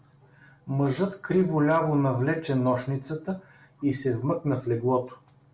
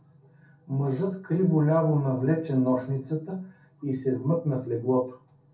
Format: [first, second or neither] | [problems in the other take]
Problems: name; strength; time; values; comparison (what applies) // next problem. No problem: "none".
first | room echo; dies away in 0.3 s